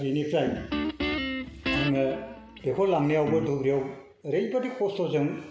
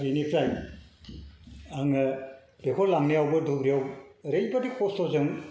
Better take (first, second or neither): second